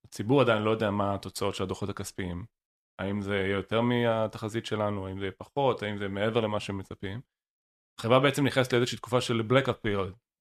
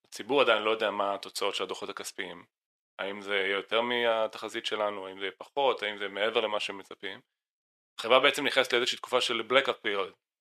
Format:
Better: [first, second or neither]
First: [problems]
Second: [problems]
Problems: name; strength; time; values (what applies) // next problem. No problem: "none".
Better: first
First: none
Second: thin; somewhat; fading below 450 Hz